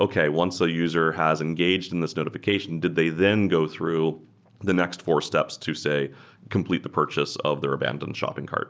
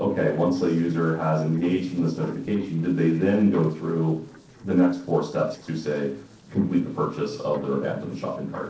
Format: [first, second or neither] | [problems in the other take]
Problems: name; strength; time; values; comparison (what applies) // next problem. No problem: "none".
first | noise reduction (neural separator model SepFormer DNS4)